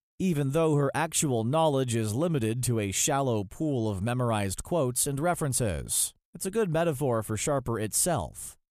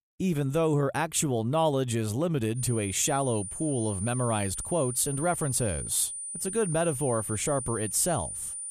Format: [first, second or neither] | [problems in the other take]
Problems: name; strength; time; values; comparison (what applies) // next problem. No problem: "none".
first | high-pitched whine; loud; from 2.5 s on; 9.5 kHz, 6 dB below the speech